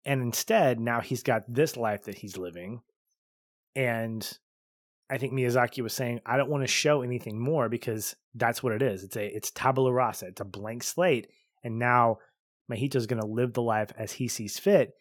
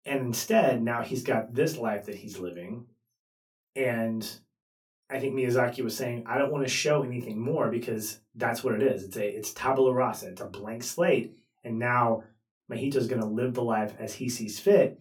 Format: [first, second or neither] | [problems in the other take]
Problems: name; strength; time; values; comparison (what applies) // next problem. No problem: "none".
first | off-mic speech; far // room echo; very slight; dies away in 0.2 s